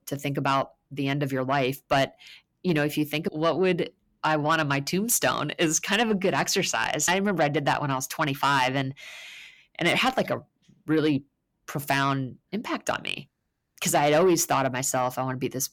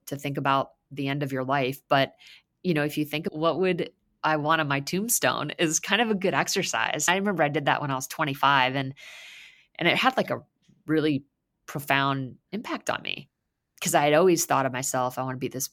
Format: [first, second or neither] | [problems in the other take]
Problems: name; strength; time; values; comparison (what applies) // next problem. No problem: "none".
second | distortion; slight; 10 dB below the speech